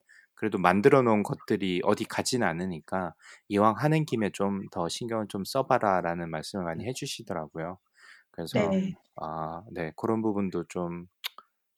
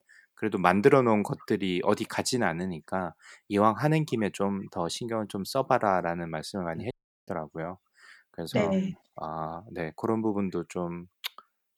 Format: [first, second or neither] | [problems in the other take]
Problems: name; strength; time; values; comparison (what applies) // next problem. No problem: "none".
first | audio cutting out; at 7 s